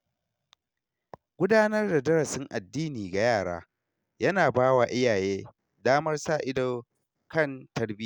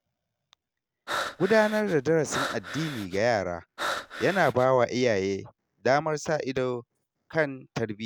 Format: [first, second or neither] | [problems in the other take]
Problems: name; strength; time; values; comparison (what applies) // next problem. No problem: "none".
first | background sound (Breathing); 8 dB below the speech